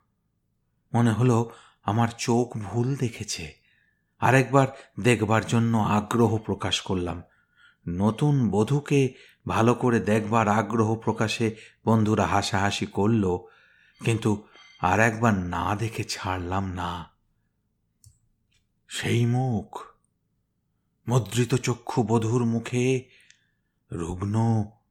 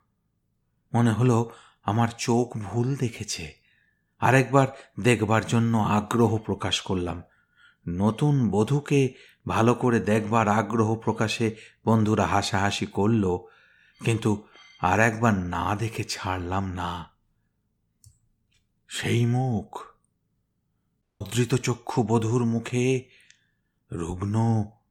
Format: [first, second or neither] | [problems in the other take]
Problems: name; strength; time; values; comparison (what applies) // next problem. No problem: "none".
first | audio cutting out; at 21 s